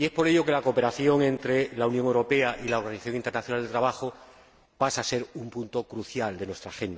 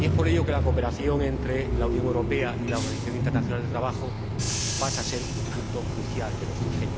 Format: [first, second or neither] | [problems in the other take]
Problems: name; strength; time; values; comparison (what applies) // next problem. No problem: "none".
first | background sound (Bus / Engine); 4 dB above the speech